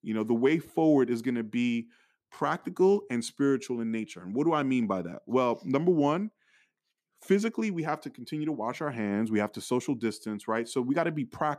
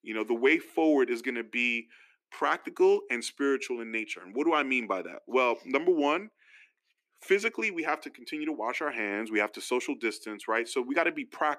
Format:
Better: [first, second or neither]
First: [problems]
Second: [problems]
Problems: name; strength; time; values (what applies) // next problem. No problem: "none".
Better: first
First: none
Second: thin; somewhat; fading below 300 Hz